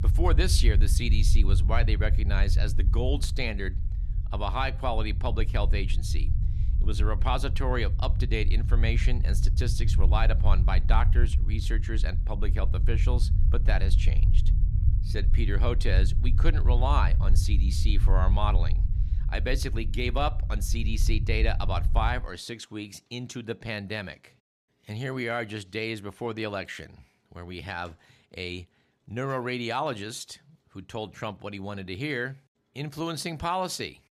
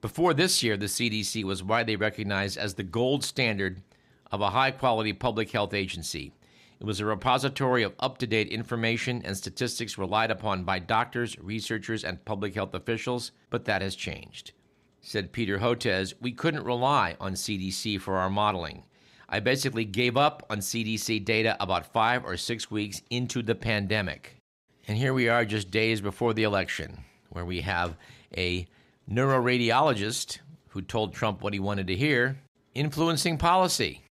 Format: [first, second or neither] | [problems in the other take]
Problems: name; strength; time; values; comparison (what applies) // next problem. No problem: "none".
second | low rumble; noticeable; until 22 s; 10 dB below the speech